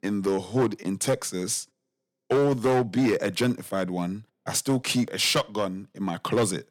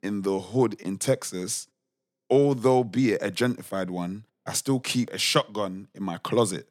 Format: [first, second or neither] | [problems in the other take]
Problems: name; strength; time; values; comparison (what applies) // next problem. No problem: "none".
second | distortion; slight; 7% of the sound clipped